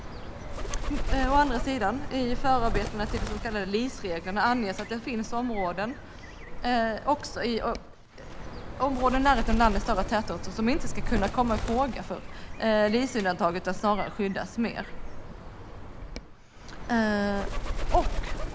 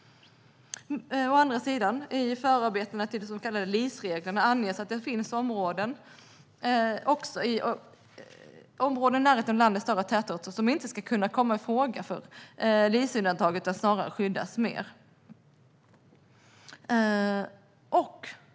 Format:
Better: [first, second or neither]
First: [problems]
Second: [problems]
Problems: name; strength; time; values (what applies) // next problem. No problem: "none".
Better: second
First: background sound (Bird); 3 dB below the speech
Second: none